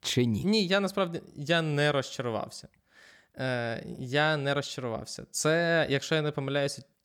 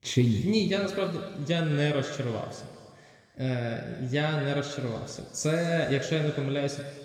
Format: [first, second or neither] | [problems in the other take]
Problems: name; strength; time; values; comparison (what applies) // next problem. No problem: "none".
first | room echo; noticeable; dies away in 2.1 s // off-mic speech; somewhat distant